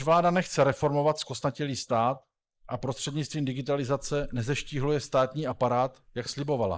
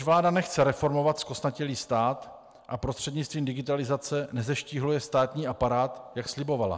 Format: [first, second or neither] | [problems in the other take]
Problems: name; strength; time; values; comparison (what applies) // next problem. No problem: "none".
second | noise reduction (neural mask model Resemble Enhance denoiser)